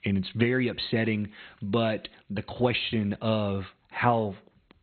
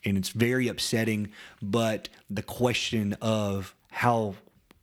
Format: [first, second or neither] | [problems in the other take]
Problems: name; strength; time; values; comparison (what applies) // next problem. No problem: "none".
second | garbled, watery; badly; nothing above 4 kHz